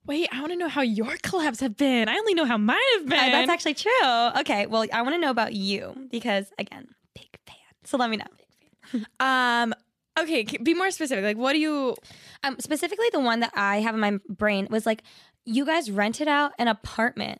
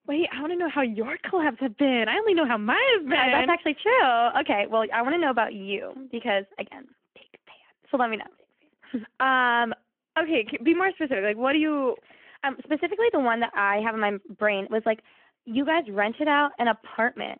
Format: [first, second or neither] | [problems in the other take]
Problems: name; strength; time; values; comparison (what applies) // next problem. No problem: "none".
first | phone-call audio